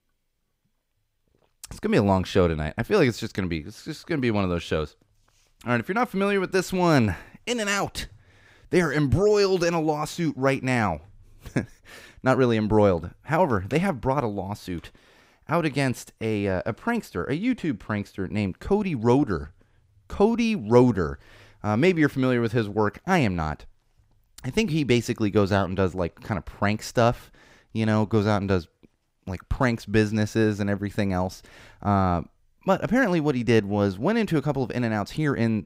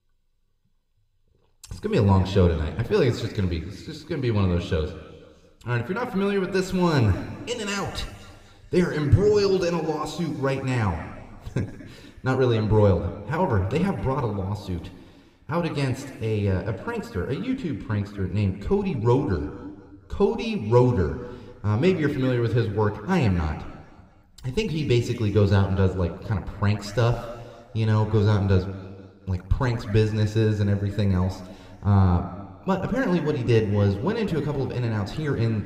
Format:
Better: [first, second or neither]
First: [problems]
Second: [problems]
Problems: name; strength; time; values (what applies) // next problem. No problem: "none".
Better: first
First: none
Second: room echo; slight; dies away in 1.8 s